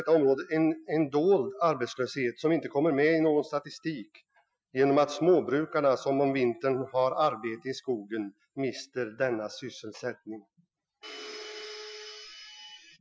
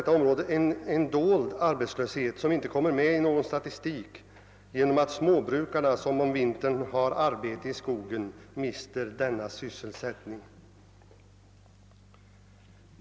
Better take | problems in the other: second | noise reduction (classical method Wiener filter)

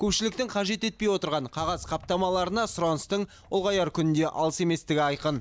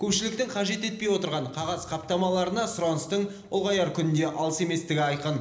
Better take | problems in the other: first | room echo; dies away in 0.8 s

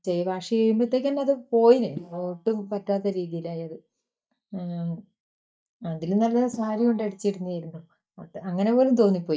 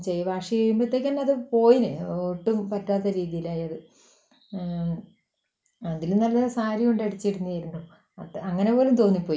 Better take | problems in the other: second | noise reduction (neural mask model DeepFilterNet 3)

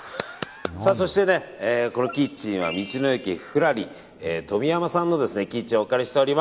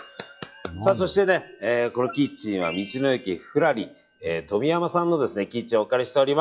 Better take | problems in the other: first | noise reduction (classical method log-MMSE)

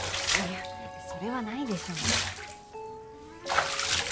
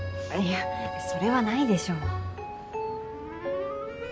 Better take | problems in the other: second | background sound (Bathtub (filling or washing) / Water / Liquid); 4 dB above the speech

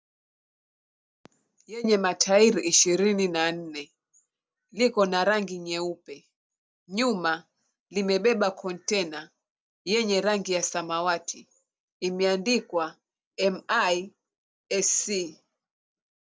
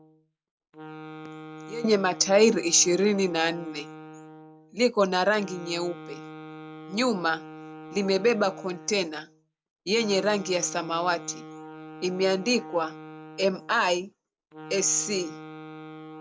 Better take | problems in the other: first | background sound (Wind instrument, woodwind instrument); 15 dB below the speech

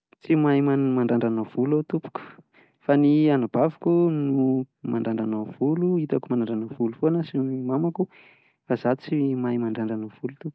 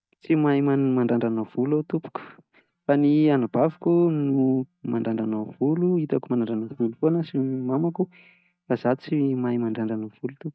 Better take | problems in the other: first | noise reduction (neural mask model DeepFilterNet 3)

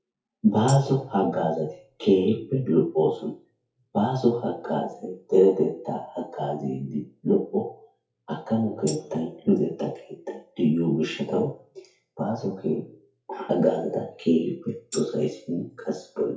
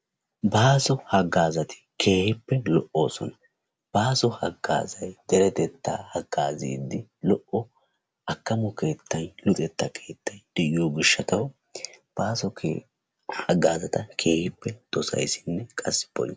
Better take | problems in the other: second | noise reduction (classical method WPE with log-MMSE)

